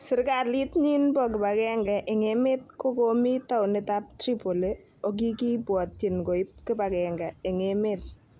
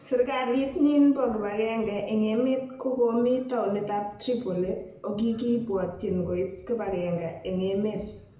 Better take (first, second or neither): first